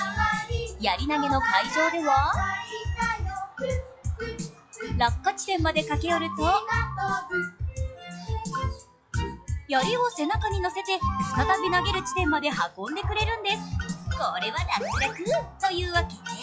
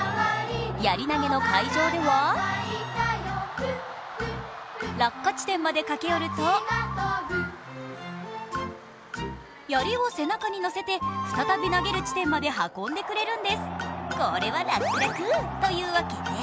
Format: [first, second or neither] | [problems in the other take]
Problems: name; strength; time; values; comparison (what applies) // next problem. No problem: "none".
second | noise reduction (classical method log-MMSE)